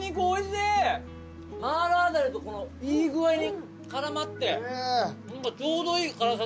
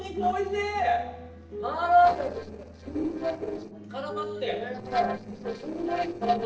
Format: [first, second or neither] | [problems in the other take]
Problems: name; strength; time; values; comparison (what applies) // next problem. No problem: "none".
first | noise reduction (neural separator model SepFormer DNS4)